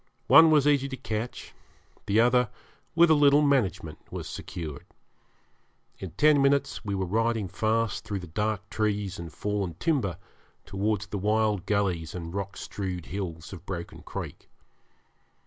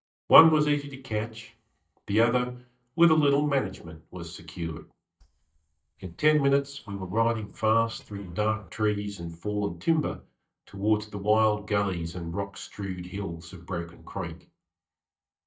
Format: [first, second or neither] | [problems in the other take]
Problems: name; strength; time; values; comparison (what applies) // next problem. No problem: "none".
first | noise reduction (neural mask model DeepFilterNet 3)